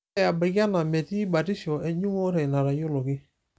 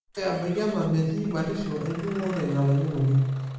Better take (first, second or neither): first